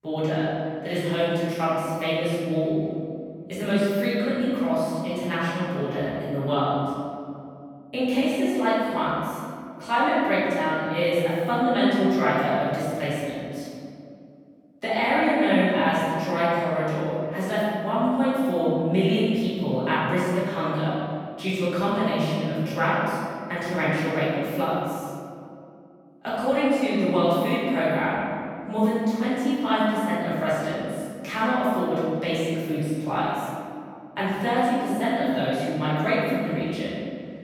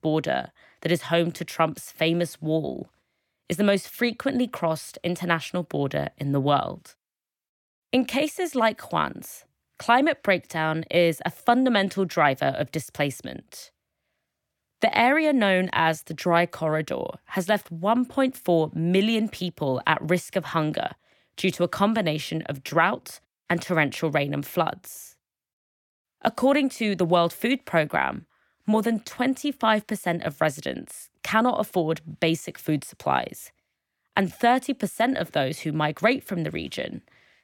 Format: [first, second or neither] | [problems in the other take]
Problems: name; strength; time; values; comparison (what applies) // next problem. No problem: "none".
second | off-mic speech; far // room echo; strong; dies away in 2.2 s